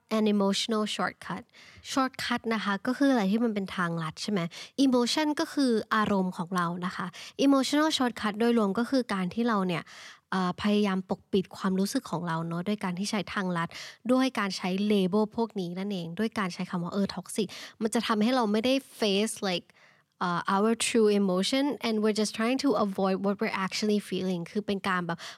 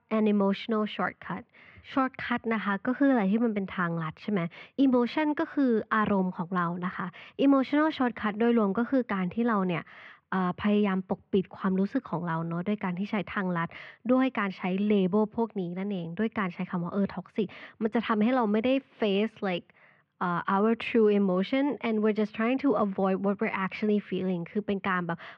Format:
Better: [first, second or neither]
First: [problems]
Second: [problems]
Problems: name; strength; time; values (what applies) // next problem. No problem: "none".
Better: first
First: none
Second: muffled; very; fading above 2.5 kHz